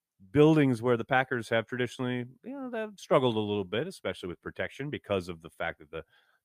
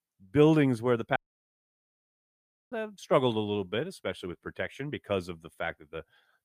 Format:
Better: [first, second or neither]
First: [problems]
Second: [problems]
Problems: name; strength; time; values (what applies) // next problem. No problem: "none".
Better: first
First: none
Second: audio cutting out; at 1 s for 1.5 s